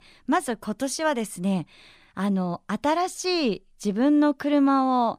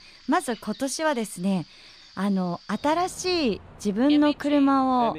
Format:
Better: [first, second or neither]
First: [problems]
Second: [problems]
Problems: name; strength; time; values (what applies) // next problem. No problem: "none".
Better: first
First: none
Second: animal sounds; noticeable; throughout; 20 dB below the speech